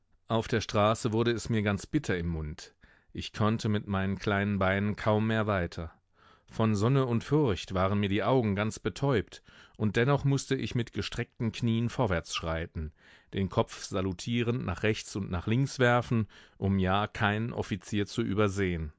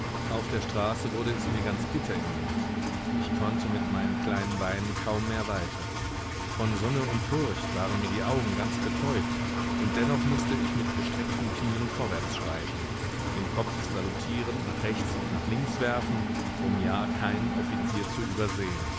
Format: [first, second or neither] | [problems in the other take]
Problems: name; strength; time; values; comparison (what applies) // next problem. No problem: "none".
first | background sound (Engine); 2 dB above the speech